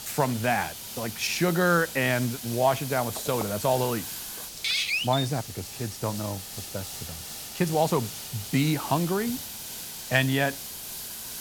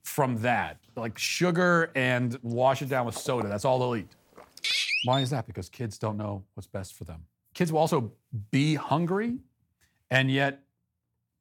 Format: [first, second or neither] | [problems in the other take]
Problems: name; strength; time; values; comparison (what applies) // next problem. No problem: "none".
second | hiss; loud; throughout; 9 dB below the speech